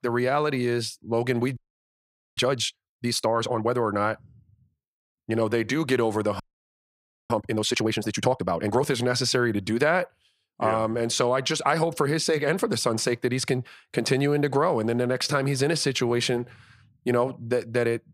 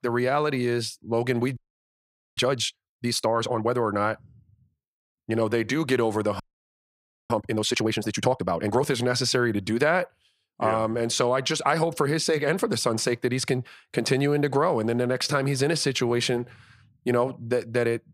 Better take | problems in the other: neither | audio freezing; at 1.5 s for 1 s and at 6.5 s for 1 s; the same in both

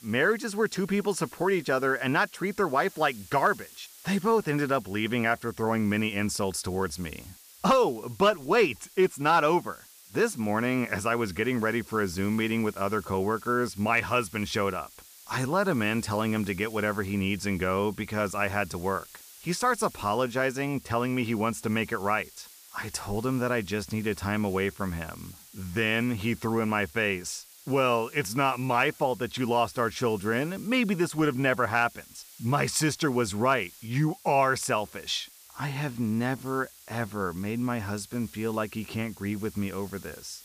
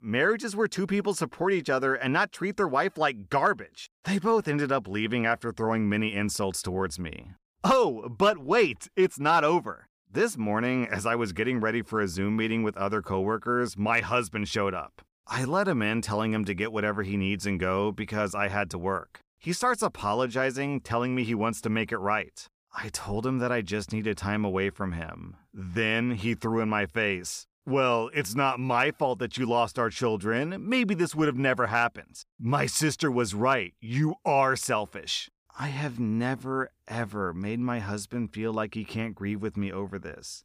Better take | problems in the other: second | hiss; faint; throughout; 20 dB below the speech

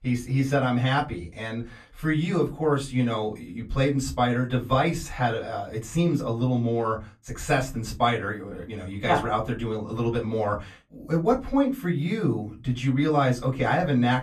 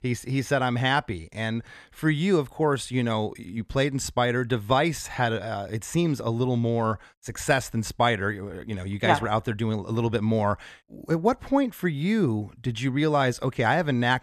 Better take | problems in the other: second | off-mic speech; far // room echo; very slight; dies away in 0.2 s

